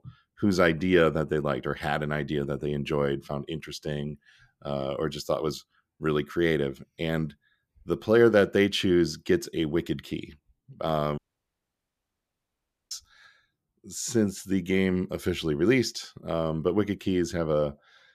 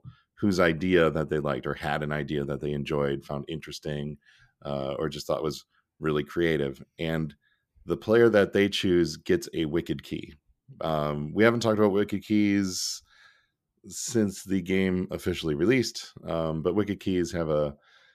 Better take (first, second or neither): second